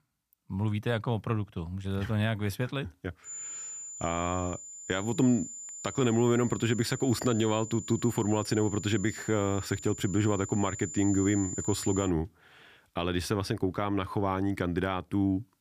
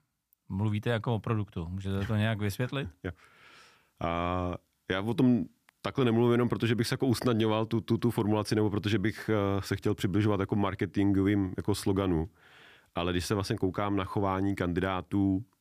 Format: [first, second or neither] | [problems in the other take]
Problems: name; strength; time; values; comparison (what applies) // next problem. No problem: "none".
second | high-pitched whine; loud; from 3.5 to 12 s; 7 kHz, 10 dB below the speech